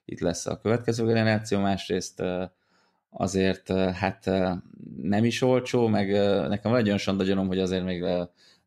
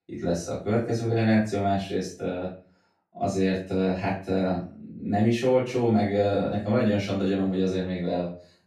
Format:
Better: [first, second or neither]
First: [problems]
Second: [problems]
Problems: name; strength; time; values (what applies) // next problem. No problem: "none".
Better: first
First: none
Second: off-mic speech; far // room echo; slight; dies away in 0.3 s